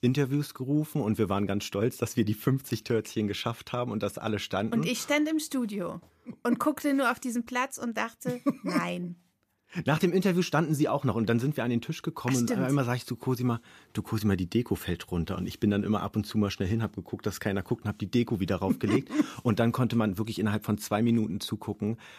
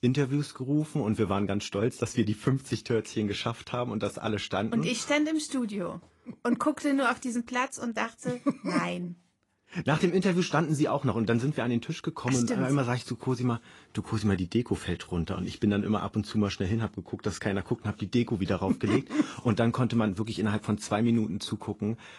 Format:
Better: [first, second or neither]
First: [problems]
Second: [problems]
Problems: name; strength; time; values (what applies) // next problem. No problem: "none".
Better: first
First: none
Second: garbled, watery; slightly; nothing above 10.5 kHz